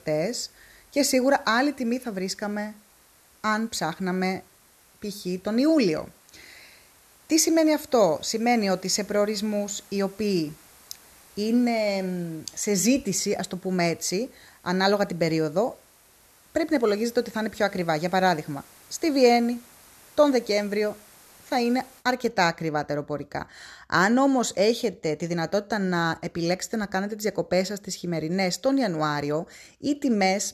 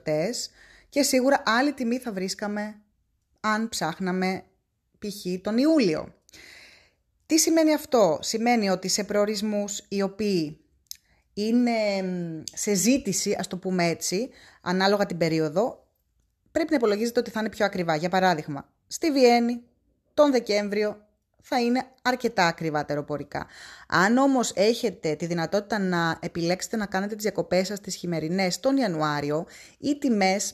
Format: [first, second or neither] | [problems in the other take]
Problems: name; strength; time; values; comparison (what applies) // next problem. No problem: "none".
second | hiss; faint; until 22 s; 25 dB below the speech